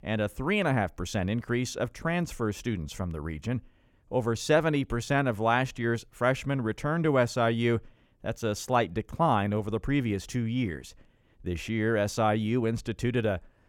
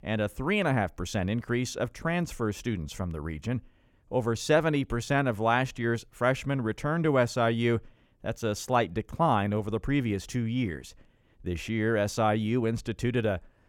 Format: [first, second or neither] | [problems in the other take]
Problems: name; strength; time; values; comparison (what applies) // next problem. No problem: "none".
neither | none